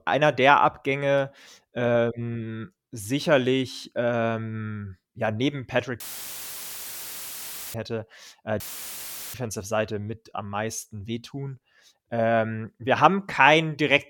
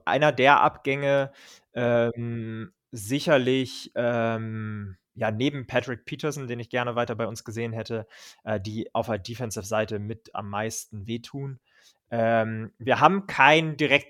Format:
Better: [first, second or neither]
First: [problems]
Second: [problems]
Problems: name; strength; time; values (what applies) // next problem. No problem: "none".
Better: second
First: audio cutting out; filled with static; at 6 s for 1.5 s and at 8.5 s for 0.5 s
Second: none